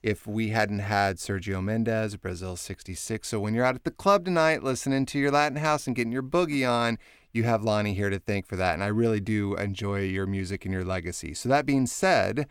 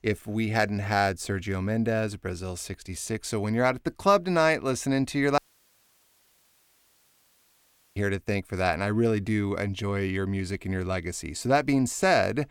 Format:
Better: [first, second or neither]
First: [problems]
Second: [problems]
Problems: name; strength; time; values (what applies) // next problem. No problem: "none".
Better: first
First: none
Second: audio cutting out; at 5.5 s for 2.5 s